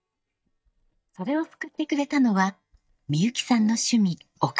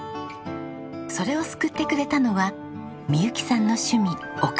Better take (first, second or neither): second